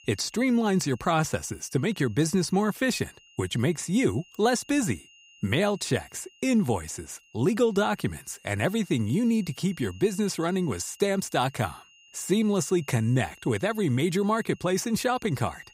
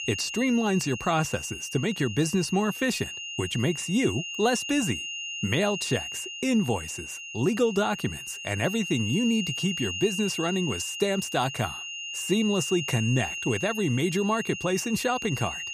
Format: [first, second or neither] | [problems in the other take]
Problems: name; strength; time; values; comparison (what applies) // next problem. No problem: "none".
first | high-pitched whine; loud; throughout; 3 kHz, 6 dB below the speech; faint in the first